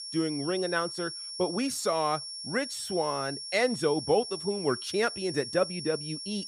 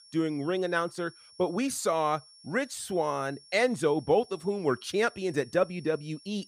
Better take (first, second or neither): second